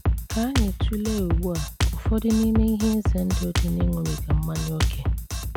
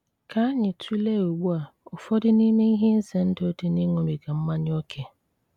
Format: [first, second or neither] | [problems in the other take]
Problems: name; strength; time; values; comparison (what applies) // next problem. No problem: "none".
second | background sound (Drum kit); 1 dB above the speech